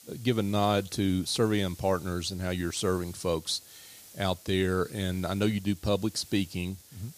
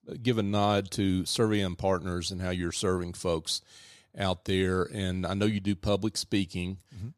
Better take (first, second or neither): second